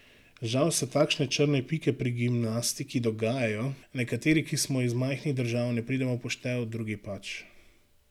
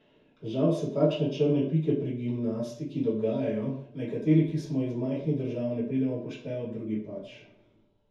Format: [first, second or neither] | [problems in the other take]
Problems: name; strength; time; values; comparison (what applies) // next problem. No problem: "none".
first | room echo; dies away in 0.6 s